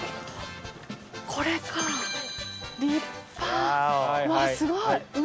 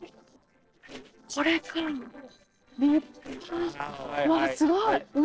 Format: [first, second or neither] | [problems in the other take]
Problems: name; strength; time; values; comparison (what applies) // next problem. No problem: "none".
first | noise reduction (neural separator model SepFormer DNS4)